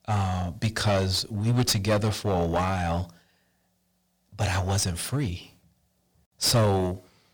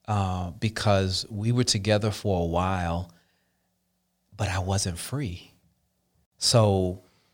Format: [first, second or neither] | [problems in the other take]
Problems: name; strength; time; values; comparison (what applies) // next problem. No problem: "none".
second | distortion; heavy; 8% of the sound clipped